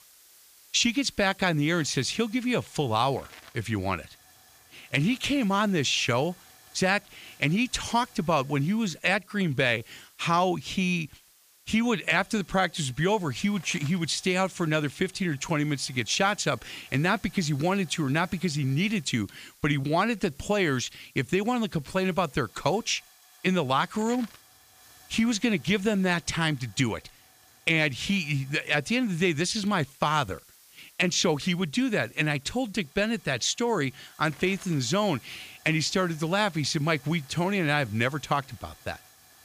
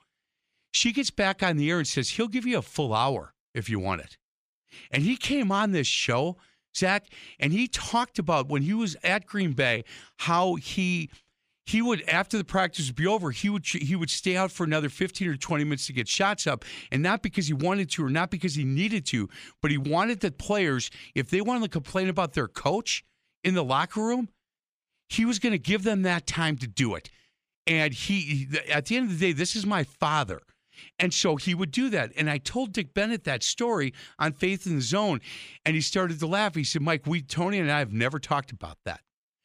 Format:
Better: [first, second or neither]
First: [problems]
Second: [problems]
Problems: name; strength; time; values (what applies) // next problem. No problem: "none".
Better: second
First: hiss; faint; throughout; 25 dB below the speech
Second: none